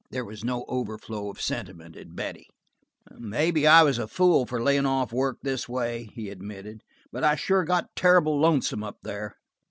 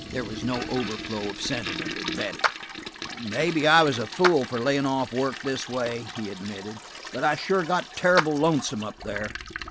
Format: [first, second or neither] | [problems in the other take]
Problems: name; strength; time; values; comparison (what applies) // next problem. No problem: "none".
first | background sound (Clapping + Toilet flush); 7 dB below the speech